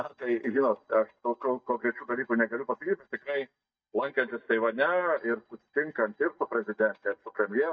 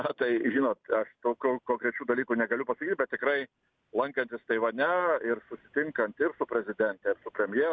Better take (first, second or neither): second